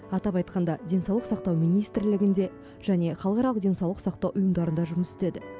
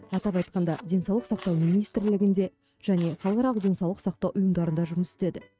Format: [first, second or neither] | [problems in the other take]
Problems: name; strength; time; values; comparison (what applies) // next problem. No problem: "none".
first | noise reduction (neural mask model RNNoise)